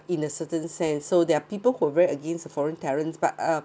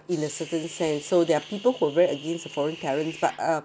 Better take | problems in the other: first | background sound (Hiss); 17 dB below the speech

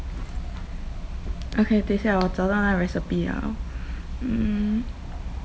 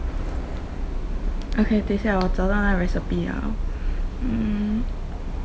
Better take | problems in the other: first | background sound (Subway, metro, underground); 1 dB below the speech

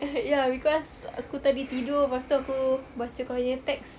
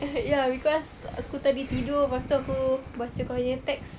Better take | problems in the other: first | background sound (Wind / Ocean); 12 dB below the speech

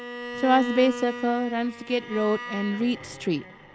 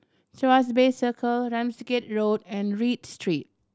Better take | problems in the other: second | background sound (Bowed string instrument); 11 dB below the speech

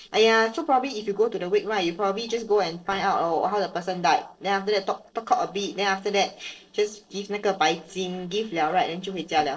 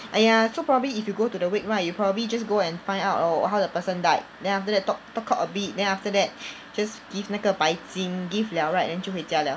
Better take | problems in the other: second | noise reduction (neural separator model SepFormer DNS4)

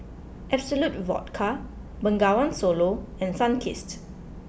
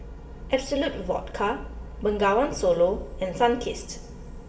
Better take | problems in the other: first | room echo; dies away in 2.4 s

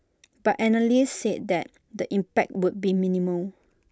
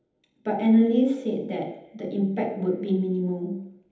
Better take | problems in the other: first | room echo; dies away in 1.3 s

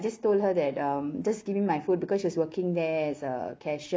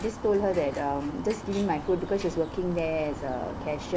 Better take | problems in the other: first | background sound (Bird); 10 dB below the speech

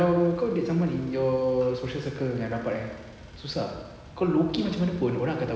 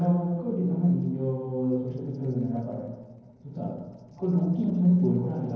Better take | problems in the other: first | noise reduction (neural separator model SepFormer DNS4)

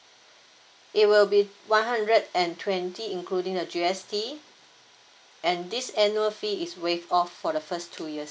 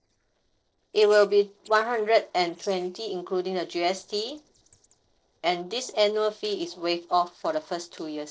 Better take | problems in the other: first | noise reduction (neural separator model SepFormer DNS4)

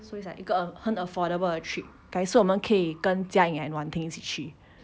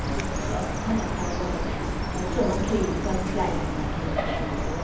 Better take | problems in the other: first | background sound (Chirp, tweet); 3 dB above the speech // room echo; dies away in 1.3 s

